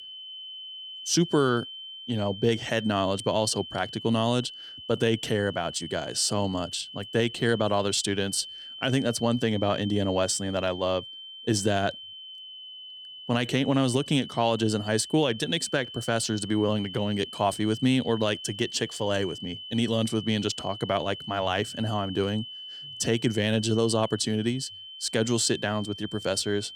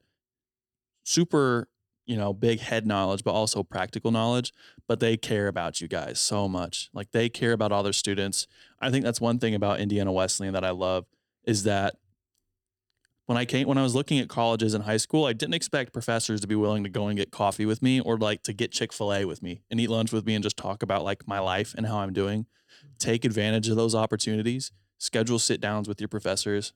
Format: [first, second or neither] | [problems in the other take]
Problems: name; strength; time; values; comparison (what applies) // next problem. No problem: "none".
second | high-pitched whine; noticeable; throughout; 3 kHz, 10 dB below the speech